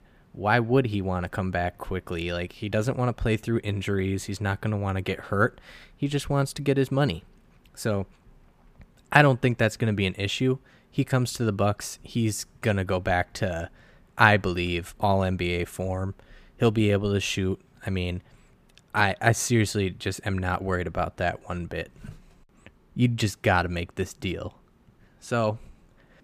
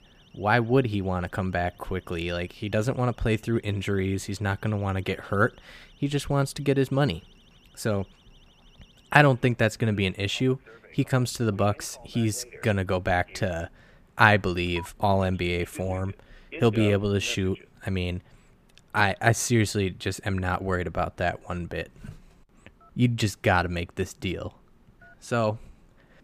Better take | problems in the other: first | alarms or sirens; faint; throughout; 20 dB below the speech

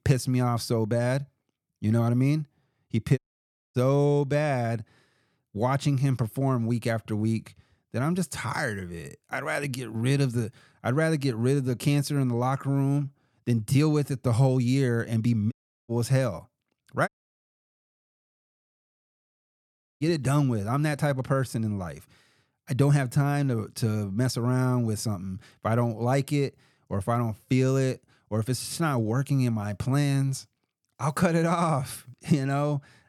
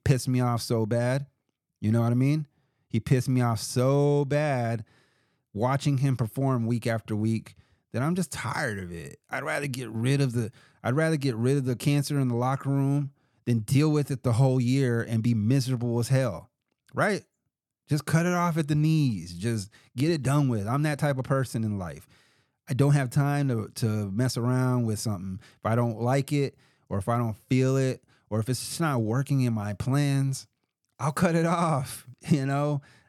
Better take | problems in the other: second | audio cutting out; at 3 s for 0.5 s, at 16 s and at 17 s for 3 s

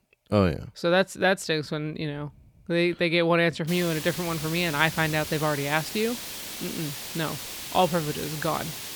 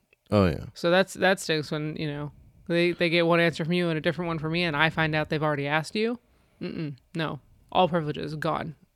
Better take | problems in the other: second | hiss; loud; from 3.5 s on; 8 dB below the speech

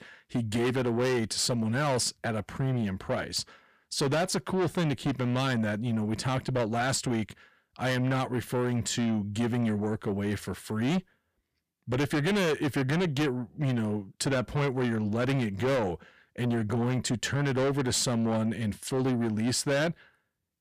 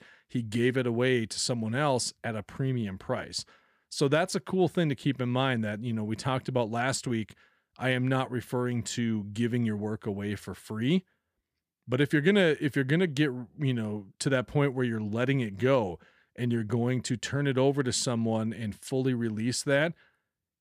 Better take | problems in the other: second | distortion; heavy; 7 dB below the speech

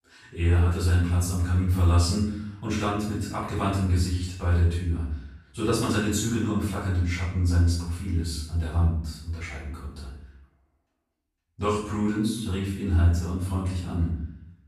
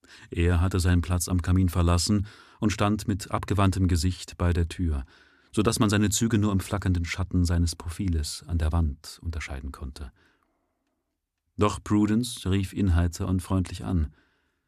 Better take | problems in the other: second | off-mic speech; far // room echo; noticeable; dies away in 0.6 s

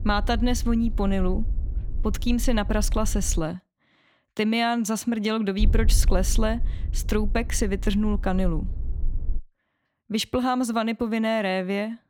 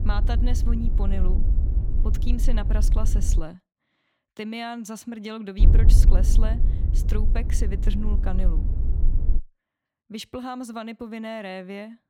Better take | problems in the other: first | wind noise on the microphone; heavy; until 3.5 s and from 5.5 to 9.5 s; 7 dB below the speech; occasional gusts in the first

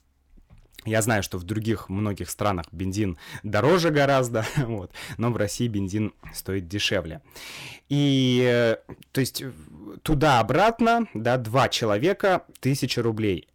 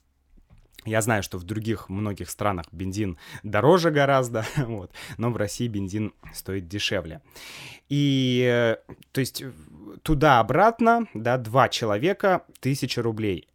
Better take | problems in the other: second | distortion; slight; 5% of the sound clipped

